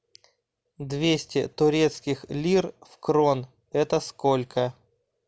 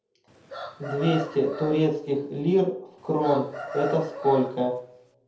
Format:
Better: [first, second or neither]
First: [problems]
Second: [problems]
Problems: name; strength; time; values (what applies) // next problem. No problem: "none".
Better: first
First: none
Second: background sound (Chicken, rooster); 12 dB below the speech // room echo; dies away in 0.5 s